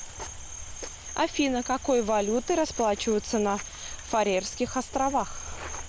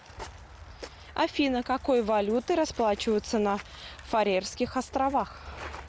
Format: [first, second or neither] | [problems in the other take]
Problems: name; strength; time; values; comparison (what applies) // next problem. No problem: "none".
second | background sound (Cricket); 11 dB below the speech